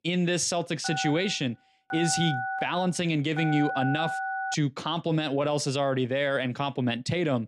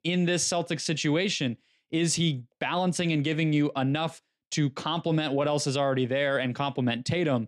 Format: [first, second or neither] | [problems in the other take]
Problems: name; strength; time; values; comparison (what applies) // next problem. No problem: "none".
second | phone ringing; noticeable; from 1 to 4.5 s; peak 3 dB below the speech